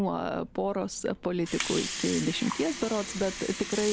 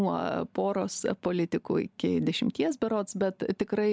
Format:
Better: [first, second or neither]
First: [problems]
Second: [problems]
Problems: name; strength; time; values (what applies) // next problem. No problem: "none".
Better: second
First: background sound (Water); 8 dB below the speech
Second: none